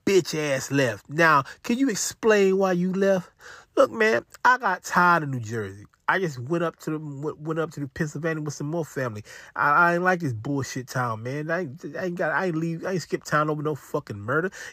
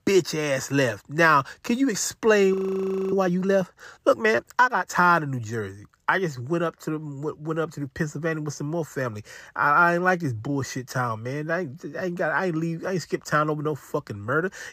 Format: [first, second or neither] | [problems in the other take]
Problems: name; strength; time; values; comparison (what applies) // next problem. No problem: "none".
first | audio freezing; at 2.5 s for 0.5 s